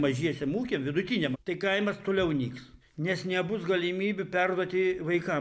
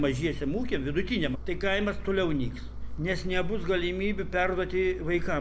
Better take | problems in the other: first | background sound (Engine); 5 dB below the speech

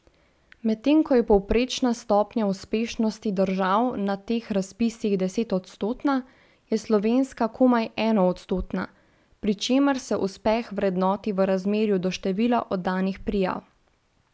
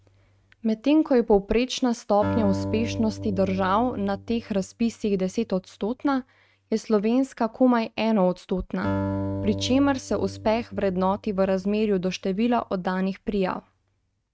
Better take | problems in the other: first | noise reduction (neural mask model RNNoise)

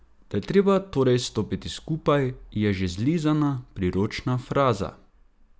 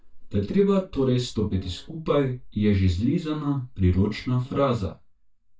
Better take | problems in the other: first | noise reduction (neural mask model DeepFilterNet 3)

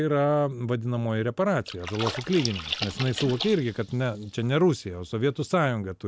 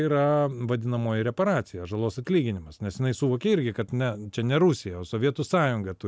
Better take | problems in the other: second | background sound (Splash, splatter); 11 dB below the speech

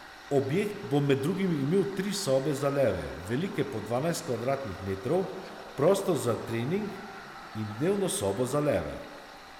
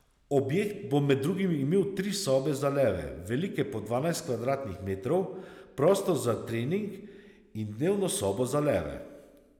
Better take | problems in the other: second | background sound (Tools); 16 dB below the speech

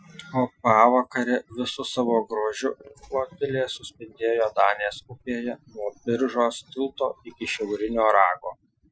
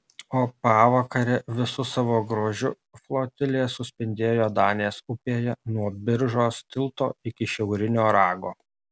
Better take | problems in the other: second | noise reduction (classical method Wiener filter)

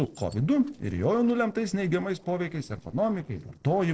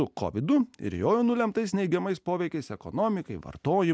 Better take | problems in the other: second | noise reduction (neural separator model SepFormer DNS4)

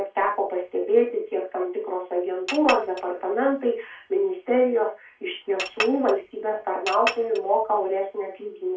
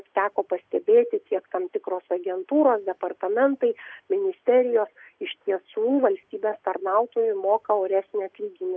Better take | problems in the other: second | background sound (Chink, clink); 8 dB below the speech // room echo; dies away in 0.2 s

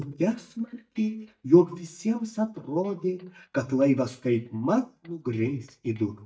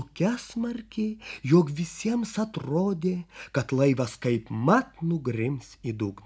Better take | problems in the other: second | noise reduction (neural mask model DeepFilterNet 3)

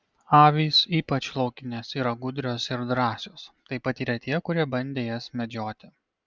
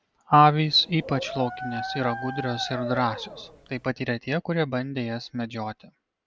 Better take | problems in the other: first | background sound (Dog); 10 dB below the speech

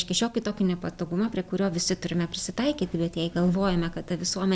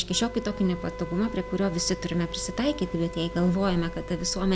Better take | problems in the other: first | background sound (Engine starting + Wind instrument, woodwind instrument); 11 dB below the speech

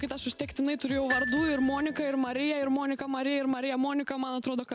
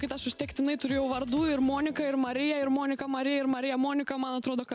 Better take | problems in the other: second | background sound (Glockenspiel); 9 dB below the speech

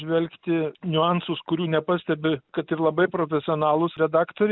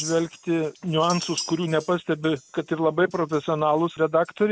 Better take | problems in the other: first | background sound (Chink, clink); 16 dB below the speech

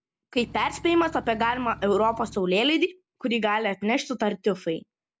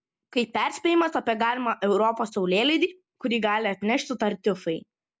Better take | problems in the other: second | background sound (Engine / Truck / Car); 19 dB below the speech

